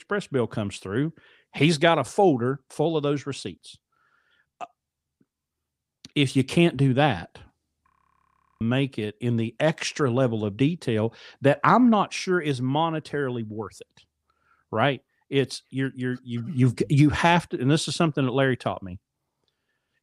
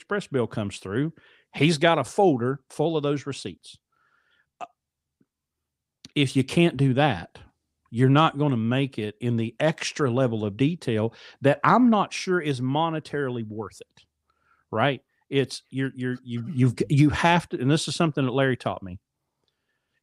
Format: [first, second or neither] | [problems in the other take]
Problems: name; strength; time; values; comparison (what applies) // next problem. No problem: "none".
second | audio freezing; at 8 s for 0.5 s